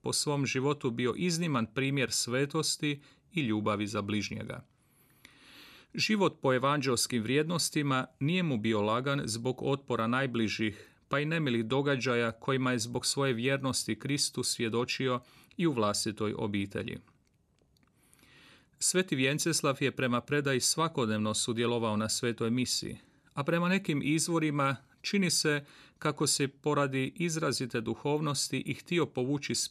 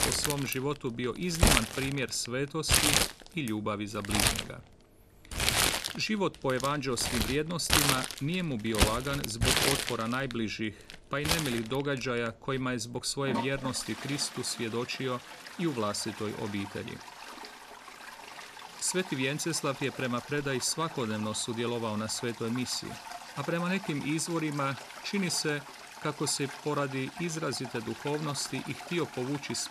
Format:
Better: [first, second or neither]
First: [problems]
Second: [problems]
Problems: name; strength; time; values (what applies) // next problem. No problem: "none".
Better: first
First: none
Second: household noises; very loud; throughout; as loud as the speech